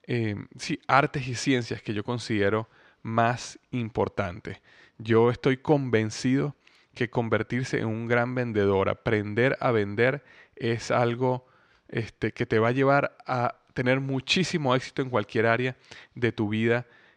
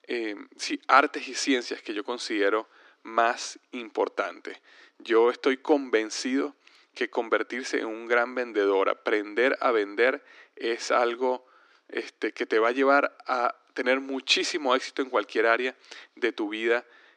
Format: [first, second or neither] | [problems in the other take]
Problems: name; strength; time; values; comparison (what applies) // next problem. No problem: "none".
first | thin; somewhat; fading below 300 Hz